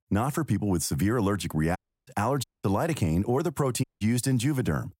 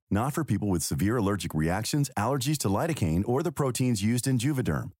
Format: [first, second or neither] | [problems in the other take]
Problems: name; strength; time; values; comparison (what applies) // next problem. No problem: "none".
second | audio cutting out; at 2 s, at 2.5 s and at 4 s